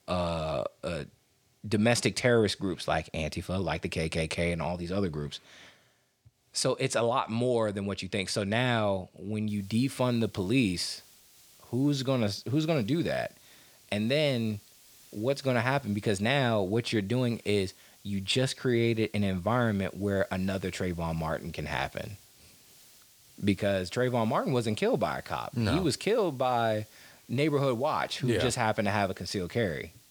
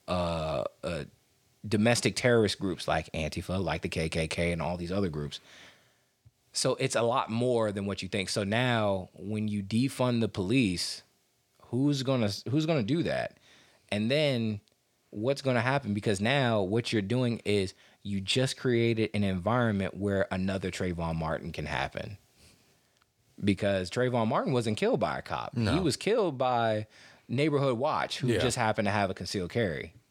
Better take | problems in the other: second | hiss; faint; from 9.5 s on; 25 dB below the speech

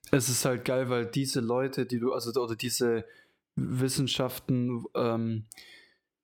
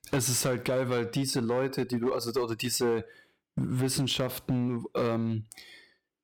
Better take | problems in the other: first | distortion; slight; 6% of the sound clipped

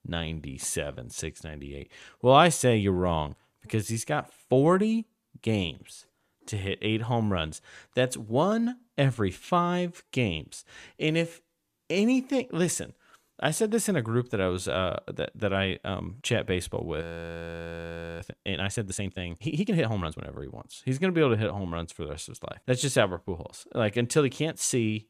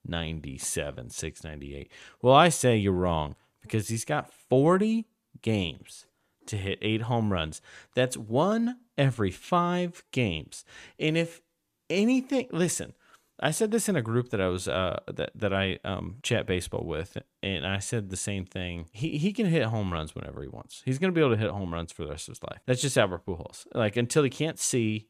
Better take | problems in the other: second | audio freezing; at 17 s for 1 s

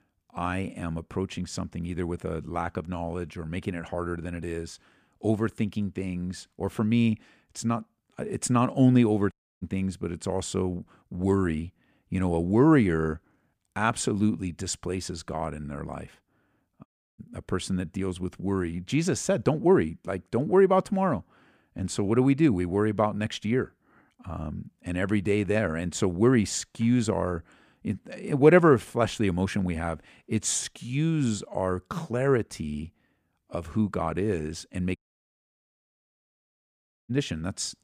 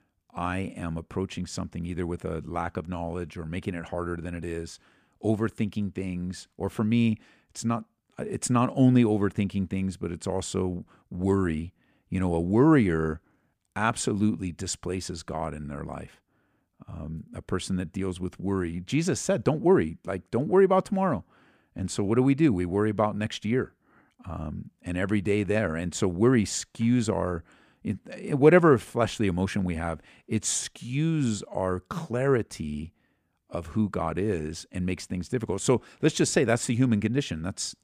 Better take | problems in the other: second | audio cutting out; at 9.5 s, at 17 s and at 35 s for 2 s

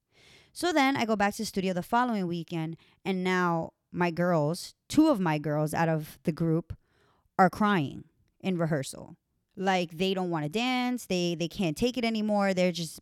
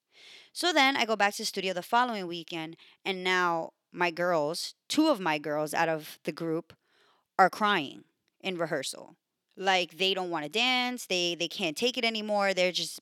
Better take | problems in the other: first | thin; somewhat; fading below 350 Hz

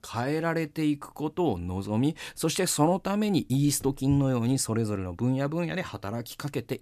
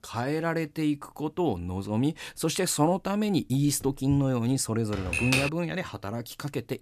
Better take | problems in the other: first | keyboard typing; loud; at 5 s; peak 3 dB above the speech

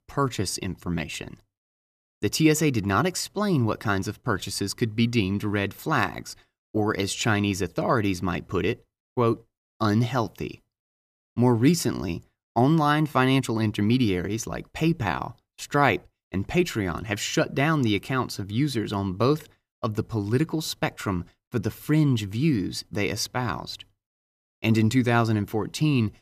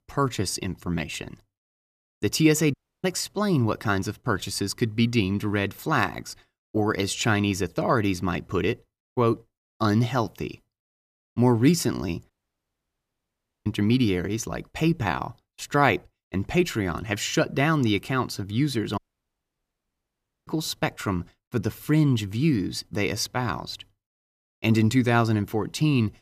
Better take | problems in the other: first | audio cutting out; at 2.5 s, at 12 s for 1.5 s and at 19 s for 1.5 s

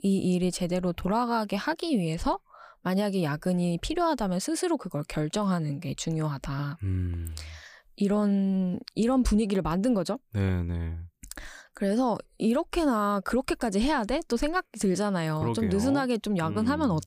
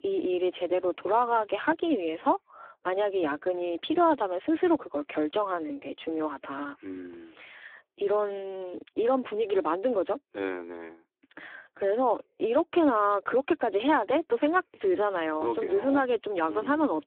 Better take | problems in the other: first | phone-call audio; poor line; nothing above 3.5 kHz

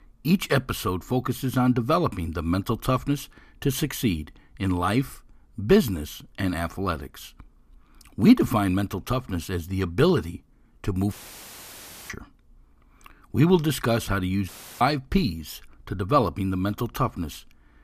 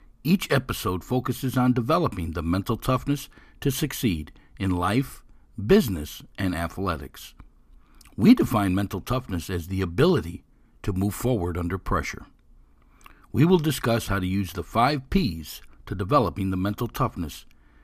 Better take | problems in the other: second | audio cutting out; filled with static; at 11 s for 1 s and at 14 s

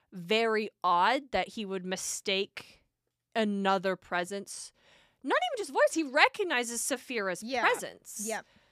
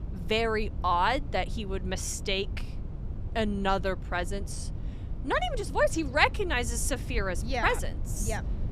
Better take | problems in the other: first | low rumble; faint; throughout; 20 dB below the speech

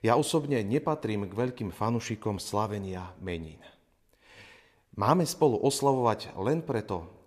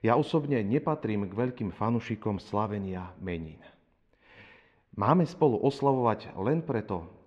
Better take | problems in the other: first | muffled; slightly; fading above 2.5 kHz

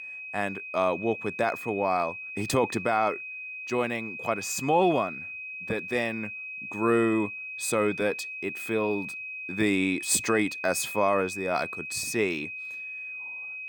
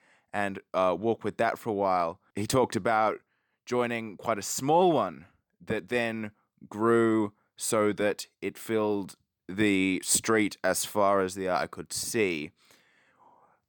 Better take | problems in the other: second | high-pitched whine; loud; throughout; 2.5 kHz, 7 dB below the speech

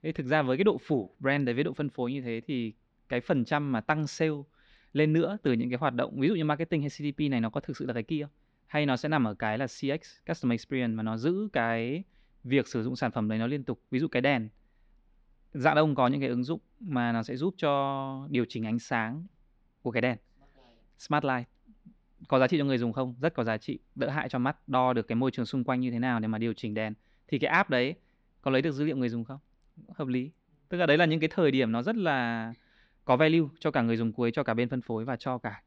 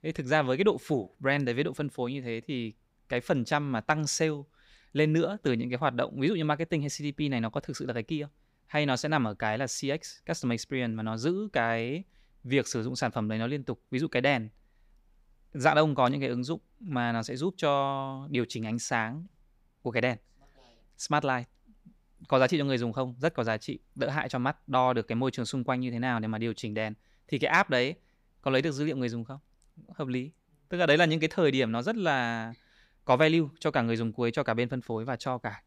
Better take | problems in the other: second | muffled; very slightly; fading above 4 kHz

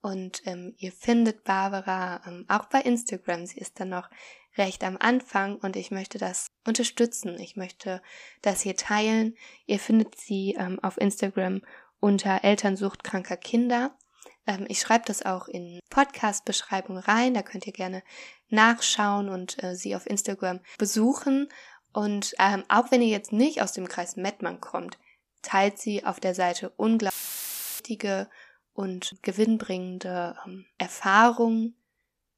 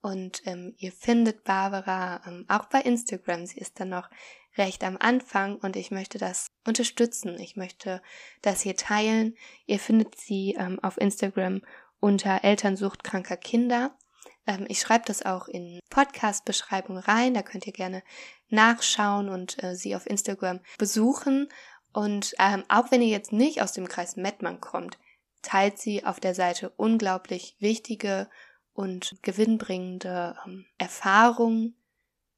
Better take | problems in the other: second | audio cutting out; filled with static; at 27 s for 0.5 s

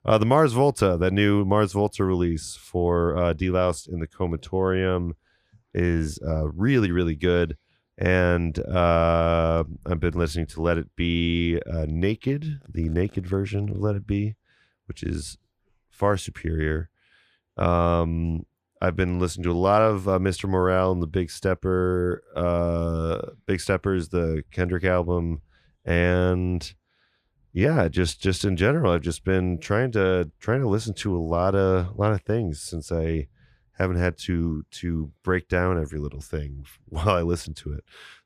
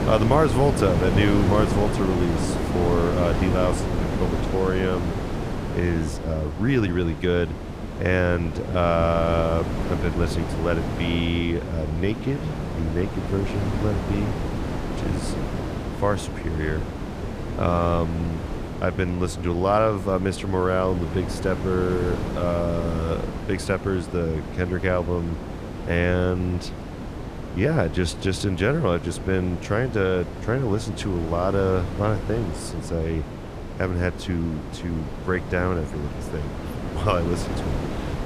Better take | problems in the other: first | wind noise on the microphone; heavy; 7 dB below the speech

